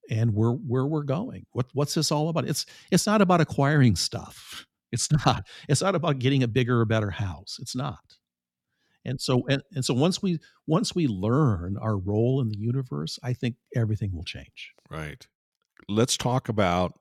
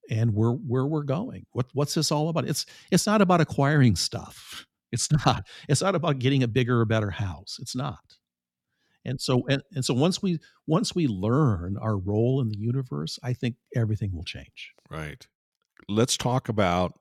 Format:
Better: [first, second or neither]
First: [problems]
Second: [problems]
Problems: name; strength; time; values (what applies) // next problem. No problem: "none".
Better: neither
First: none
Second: none